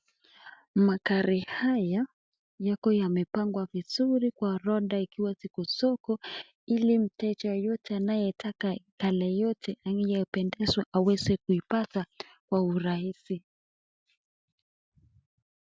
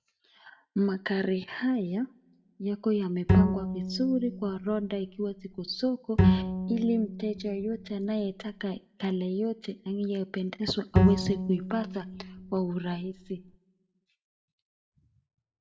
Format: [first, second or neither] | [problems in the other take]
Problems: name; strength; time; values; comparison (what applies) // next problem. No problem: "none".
first | background sound (Bowed string instrument); 2 dB above the speech // room echo; dies away in 0.4 s